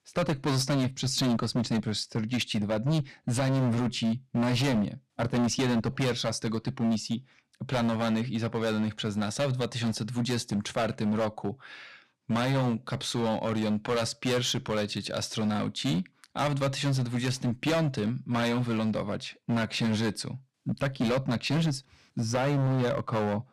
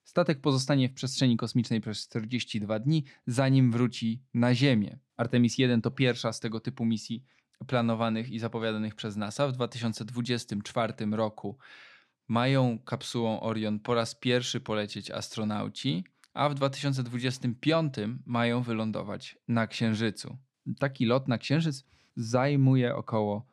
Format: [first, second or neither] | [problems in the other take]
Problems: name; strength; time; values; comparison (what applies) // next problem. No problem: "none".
second | distortion; heavy; 16% of the sound clipped